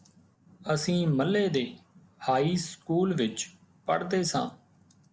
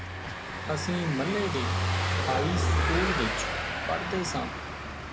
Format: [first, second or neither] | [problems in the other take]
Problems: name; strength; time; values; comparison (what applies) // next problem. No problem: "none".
first | background sound (Car passing by / Engine); 3 dB above the speech